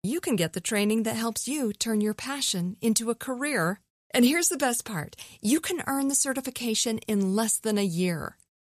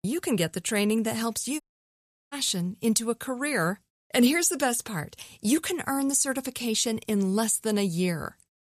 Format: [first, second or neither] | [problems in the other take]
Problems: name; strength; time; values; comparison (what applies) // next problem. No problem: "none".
first | audio cutting out; at 1.5 s for 0.5 s